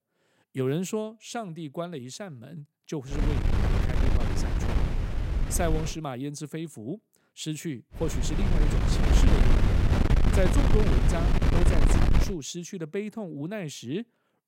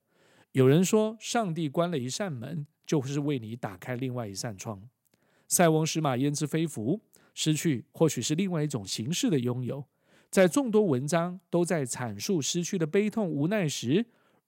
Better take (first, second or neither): second